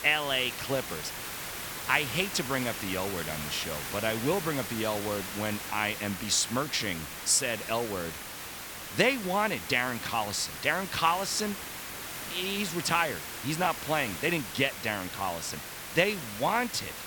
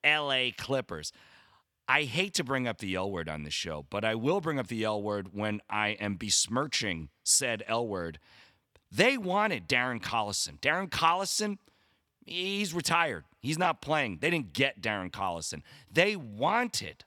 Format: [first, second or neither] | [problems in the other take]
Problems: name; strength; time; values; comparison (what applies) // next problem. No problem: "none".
second | hiss; loud; throughout; 7 dB below the speech